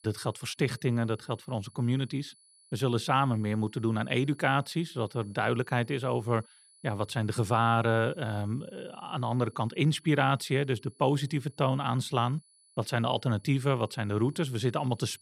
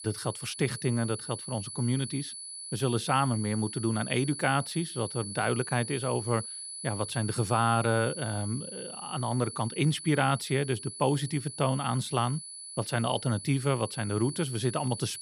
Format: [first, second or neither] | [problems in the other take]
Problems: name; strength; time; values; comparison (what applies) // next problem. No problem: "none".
first | high-pitched whine; loud; throughout; 10 kHz, 9 dB below the speech; faint in the first